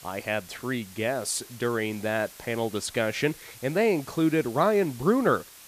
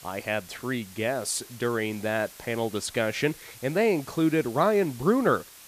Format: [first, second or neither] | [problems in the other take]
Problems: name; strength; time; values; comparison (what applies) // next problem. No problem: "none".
neither | hiss; noticeable; throughout; 20 dB below the speech; the same in both